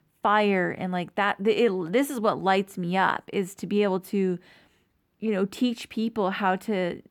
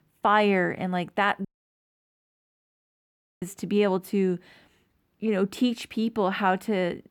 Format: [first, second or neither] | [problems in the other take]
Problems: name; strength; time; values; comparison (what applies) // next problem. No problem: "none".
first | audio cutting out; at 1.5 s for 2 s